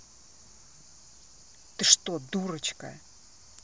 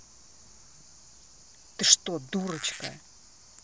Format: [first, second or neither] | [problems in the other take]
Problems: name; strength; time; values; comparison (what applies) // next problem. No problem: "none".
first | noise reduction (neural mask model Resemble Enhance denoiser)